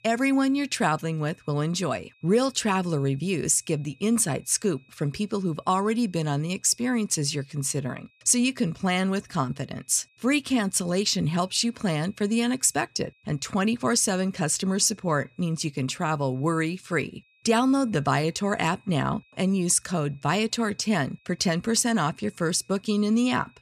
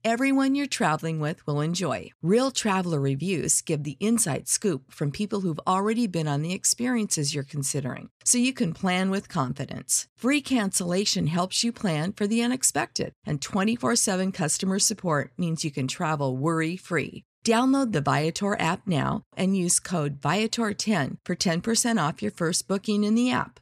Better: second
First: high-pitched whine; faint; throughout; 2.5 kHz, 35 dB below the speech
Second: none

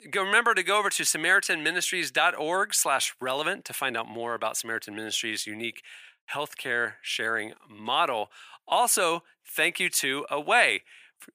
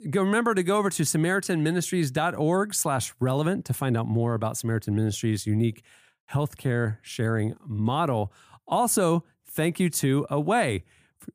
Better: second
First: thin; very; fading below 600 Hz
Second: none

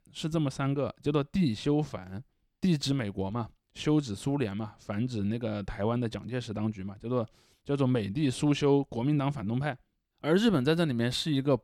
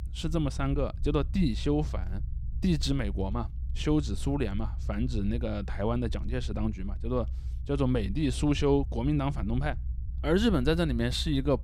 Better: first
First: none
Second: low rumble; faint; throughout; 20 dB below the speech

